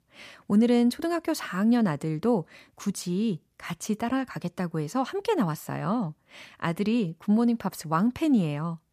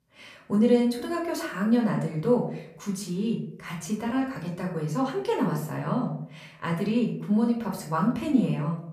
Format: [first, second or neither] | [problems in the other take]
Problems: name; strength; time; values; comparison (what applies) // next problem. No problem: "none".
first | off-mic speech; far // room echo; slight; dies away in 0.5 s